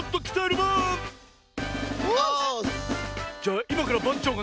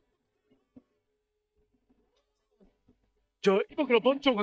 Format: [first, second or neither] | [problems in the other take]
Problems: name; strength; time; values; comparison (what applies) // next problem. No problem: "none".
first | noise reduction (neural mask model DeepFilterNet 3)